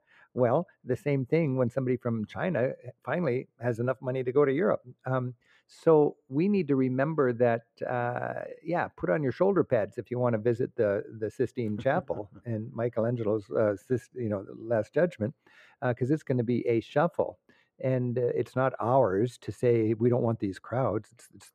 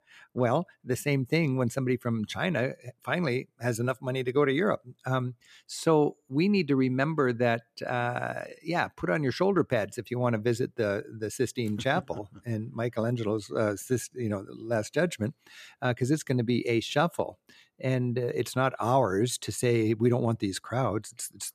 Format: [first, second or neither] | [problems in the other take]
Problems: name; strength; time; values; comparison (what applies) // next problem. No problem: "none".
second | muffled; very; fading above 3 kHz